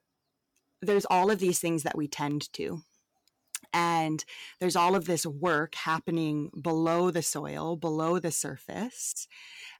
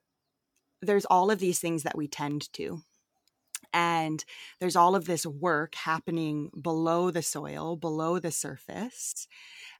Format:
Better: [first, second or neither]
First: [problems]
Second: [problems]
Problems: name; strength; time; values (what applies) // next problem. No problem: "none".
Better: second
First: distortion; slight; 2% of the sound clipped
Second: none